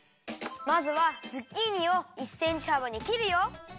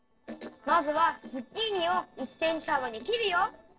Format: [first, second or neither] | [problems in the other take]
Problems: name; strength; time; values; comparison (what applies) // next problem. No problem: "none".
first | noise reduction (neural separator model SepFormer DNS4)